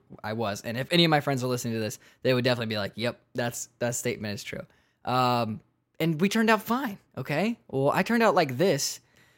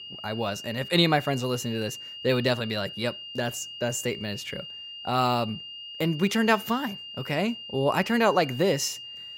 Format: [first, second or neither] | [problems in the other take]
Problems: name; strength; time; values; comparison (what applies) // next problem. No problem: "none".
first | high-pitched whine; noticeable; throughout; 3 kHz, 10 dB below the speech